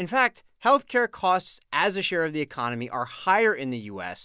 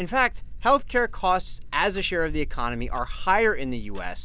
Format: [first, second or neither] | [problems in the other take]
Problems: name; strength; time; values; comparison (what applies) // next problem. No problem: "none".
first | background sound (Clock); 5 dB below the speech